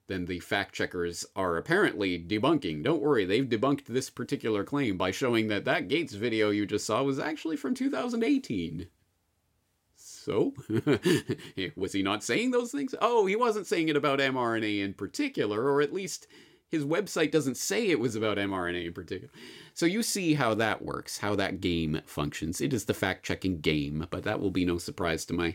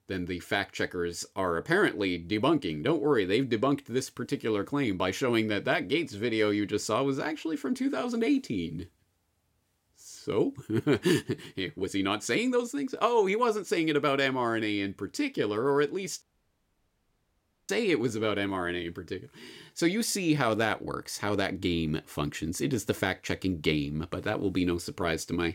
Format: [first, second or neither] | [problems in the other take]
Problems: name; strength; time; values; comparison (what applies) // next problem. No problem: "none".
first | audio cutting out; at 16 s for 1.5 s